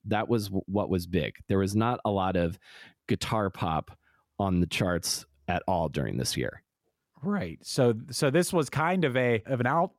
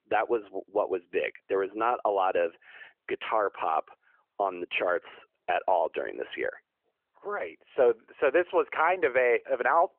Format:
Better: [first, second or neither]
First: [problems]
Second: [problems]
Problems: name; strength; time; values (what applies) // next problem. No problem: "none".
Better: first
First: none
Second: phone-call audio